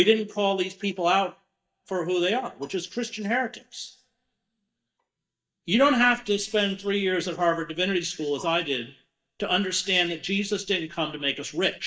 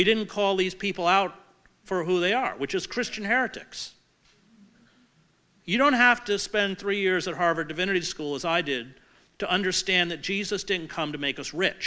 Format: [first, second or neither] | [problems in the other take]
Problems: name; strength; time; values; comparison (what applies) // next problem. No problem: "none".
second | noise reduction (neural mask model DeepFilterNet 3)